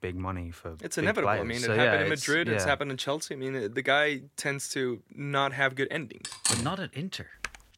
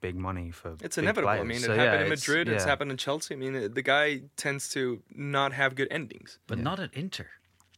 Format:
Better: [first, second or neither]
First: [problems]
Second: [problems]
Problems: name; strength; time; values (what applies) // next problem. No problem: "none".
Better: second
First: clattering dishes; loud; at 6 s; peak 1 dB above the speech // keyboard typing; faint; at 7.5 s; peak 10 dB below the speech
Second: none